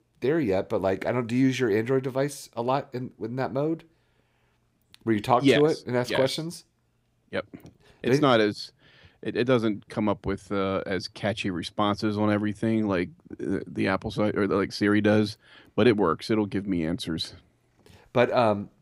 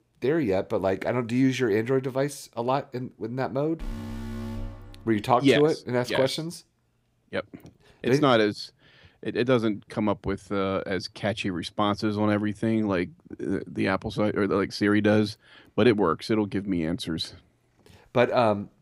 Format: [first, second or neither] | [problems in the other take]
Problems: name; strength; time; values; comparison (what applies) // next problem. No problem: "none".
first | alarm; noticeable; from 4 to 5 s; peak 9 dB below the speech